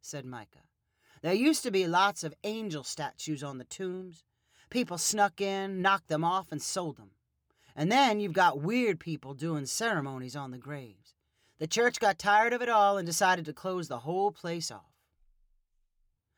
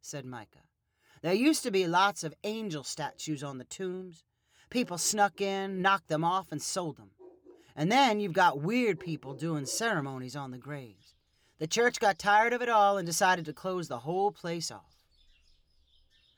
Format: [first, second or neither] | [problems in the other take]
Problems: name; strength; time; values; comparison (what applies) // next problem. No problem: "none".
first | animal sounds; faint; throughout; 30 dB below the speech